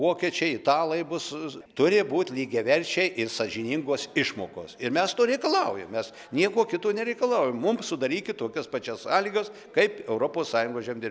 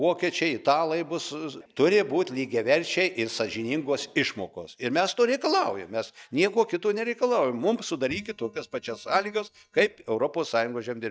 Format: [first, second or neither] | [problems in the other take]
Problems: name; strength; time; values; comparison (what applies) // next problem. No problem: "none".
first | noise reduction (neural mask model DeepFilterNet 3)